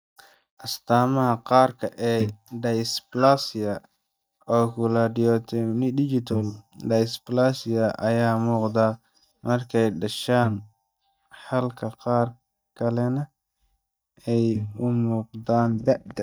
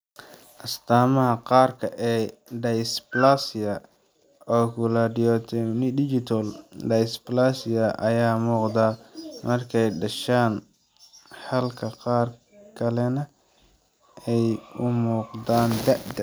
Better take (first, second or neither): second